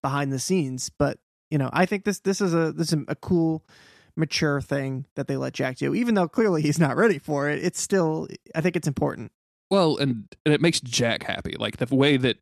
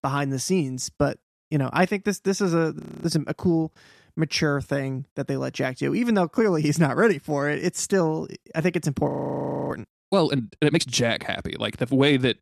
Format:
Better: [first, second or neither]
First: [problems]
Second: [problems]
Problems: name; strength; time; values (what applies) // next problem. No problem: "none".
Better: first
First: none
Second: audio freezing; at 3 s and at 9 s for 0.5 s